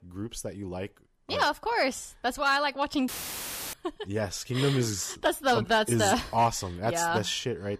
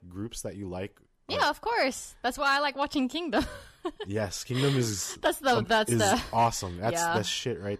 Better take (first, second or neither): second